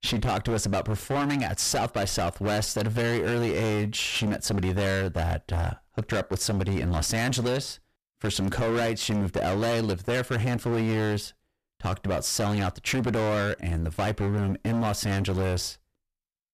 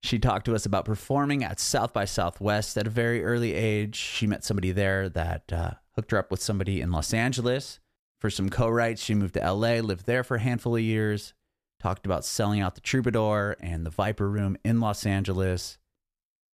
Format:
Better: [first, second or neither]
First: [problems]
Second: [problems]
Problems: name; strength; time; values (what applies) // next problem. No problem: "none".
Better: second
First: distortion; heavy; 27% of the sound clipped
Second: none